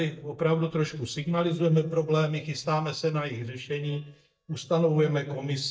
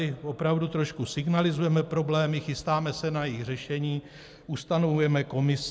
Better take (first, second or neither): second